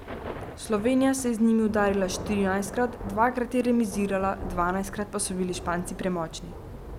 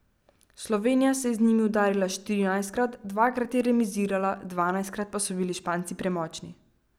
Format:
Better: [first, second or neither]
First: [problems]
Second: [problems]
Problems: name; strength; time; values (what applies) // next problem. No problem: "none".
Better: second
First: background sound (Thunder / Rain); 12 dB below the speech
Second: none